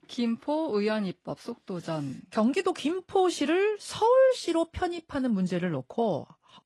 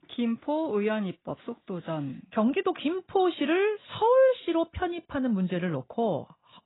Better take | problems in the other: first | garbled, watery; badly; nothing above 4 kHz; slightly in the first

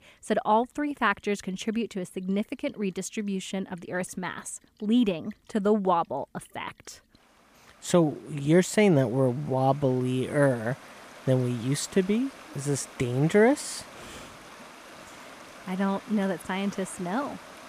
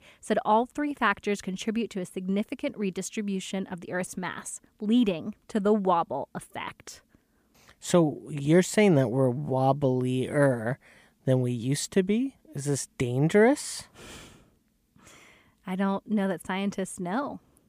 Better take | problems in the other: second | rain or running water; noticeable; throughout; 20 dB below the speech

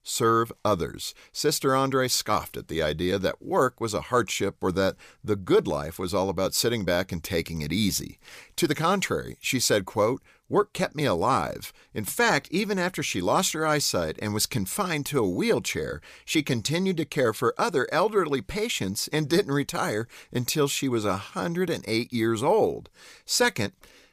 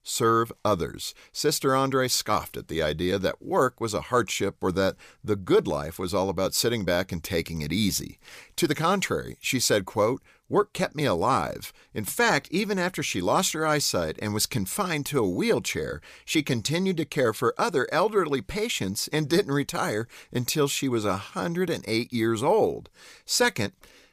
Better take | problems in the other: neither | none

